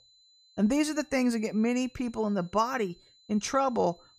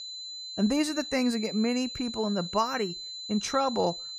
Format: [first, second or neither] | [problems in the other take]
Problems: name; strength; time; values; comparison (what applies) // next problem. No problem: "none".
first | high-pitched whine; loud; throughout; 4 kHz, 8 dB below the speech; faint in the first